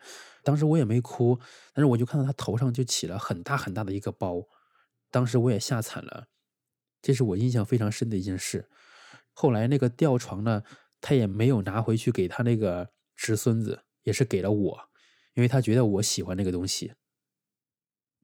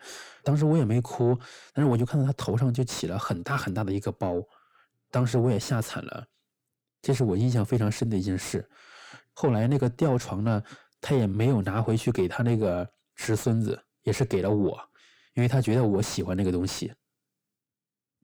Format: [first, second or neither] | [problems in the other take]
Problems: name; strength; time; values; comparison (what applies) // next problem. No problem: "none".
first | distortion; slight; 10 dB below the speech